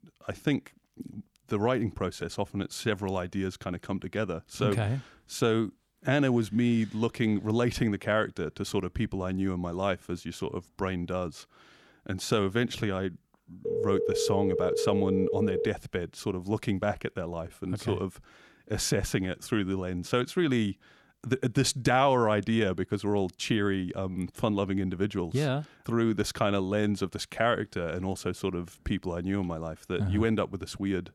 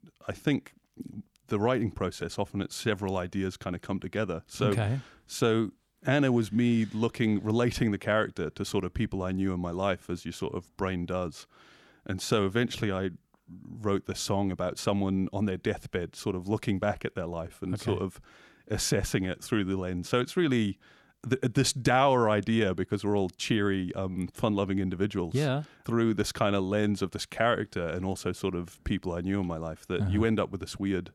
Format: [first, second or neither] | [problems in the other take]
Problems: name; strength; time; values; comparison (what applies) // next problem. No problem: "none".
second | phone ringing; loud; from 14 to 16 s; peak 1 dB above the speech